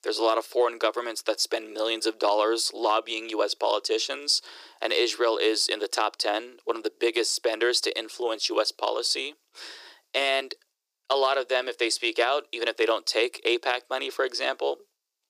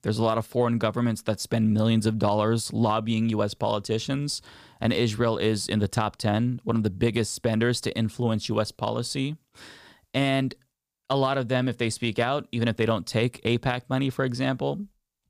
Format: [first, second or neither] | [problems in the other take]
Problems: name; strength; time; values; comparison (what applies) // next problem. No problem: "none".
second | thin; very; fading below 350 Hz